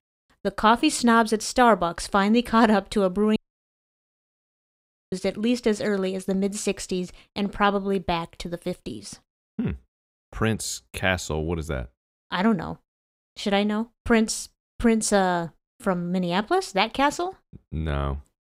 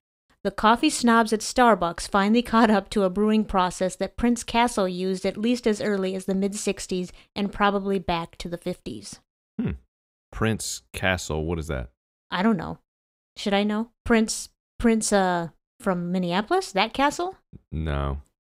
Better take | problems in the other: second | audio cutting out; at 3.5 s for 2 s

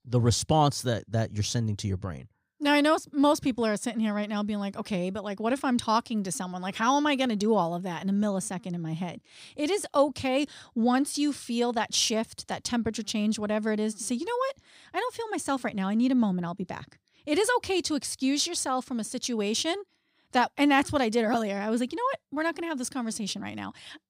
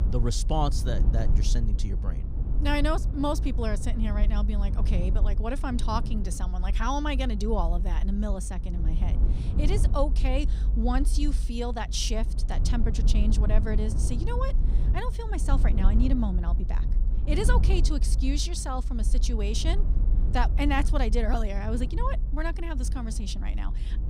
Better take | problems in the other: first | low rumble; noticeable; throughout; 10 dB below the speech

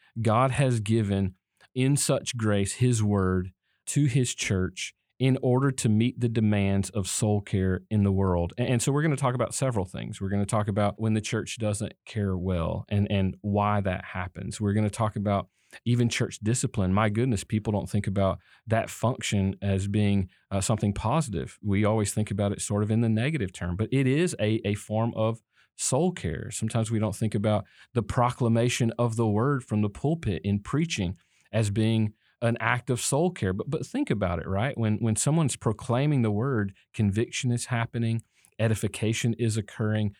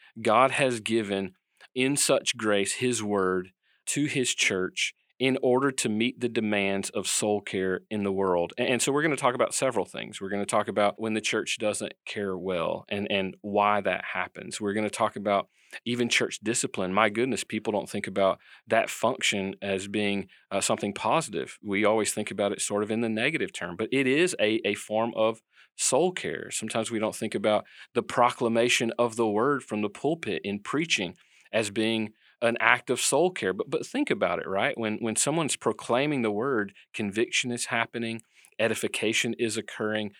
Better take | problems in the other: first | thin; somewhat; fading below 350 Hz

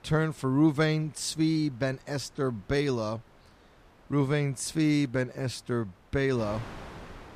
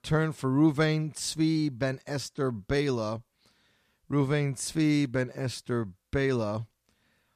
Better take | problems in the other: second | wind noise on the microphone; occasional gusts; 20 dB below the speech

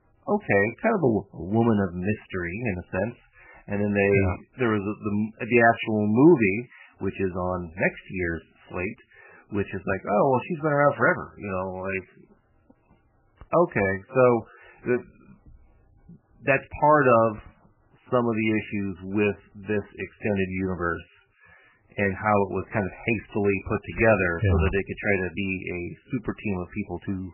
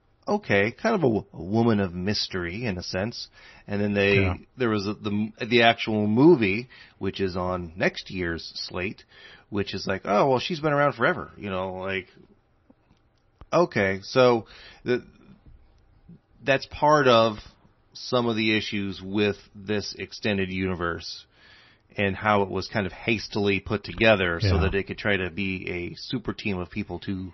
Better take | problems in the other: second | garbled, watery; badly; nothing above 2.5 kHz; slightly in the second

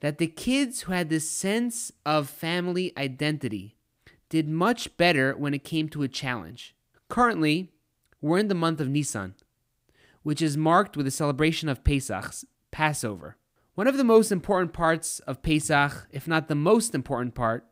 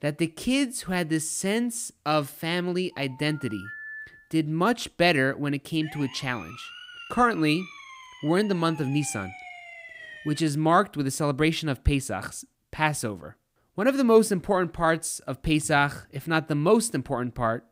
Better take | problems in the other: first | phone ringing; faint; from 3 to 4 s; peak 10 dB below the speech // siren; faint; from 6 to 10 s; peak 15 dB below the speech

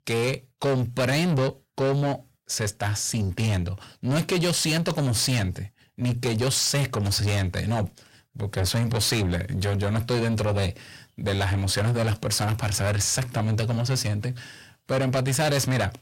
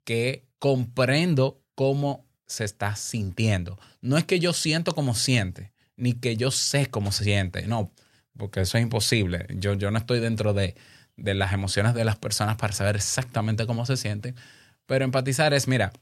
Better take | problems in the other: second | distortion; heavy; 7 dB below the speech

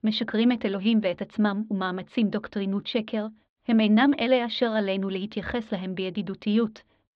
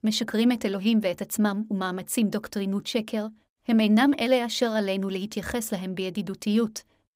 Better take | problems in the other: second | muffled; slightly; fading above 4 kHz

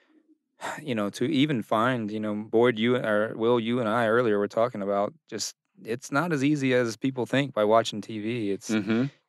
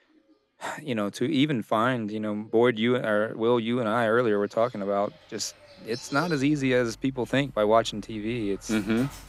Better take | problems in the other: first | animal sounds; faint; throughout; 20 dB below the speech

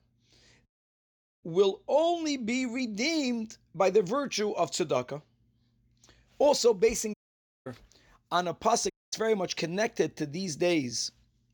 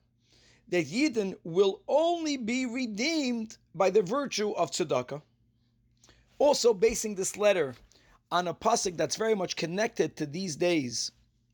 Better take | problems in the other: second | audio cutting out; at 0.5 s for 1 s, at 7 s for 0.5 s and at 9 s

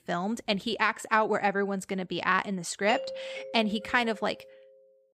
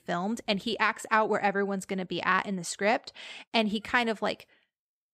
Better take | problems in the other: second | doorbell; noticeable; from 3 to 4.5 s; peak 7 dB below the speech

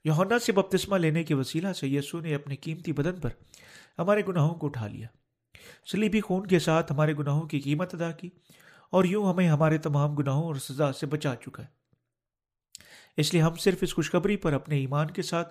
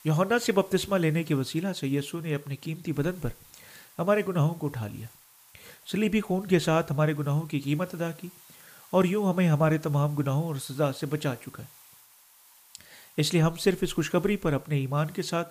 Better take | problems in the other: first | hiss; faint; throughout; 25 dB below the speech

